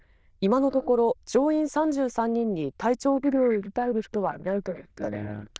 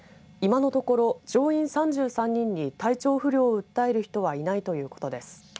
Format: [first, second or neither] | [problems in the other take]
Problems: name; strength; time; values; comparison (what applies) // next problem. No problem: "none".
second | noise reduction (neural diffusion model UNIVERSE++)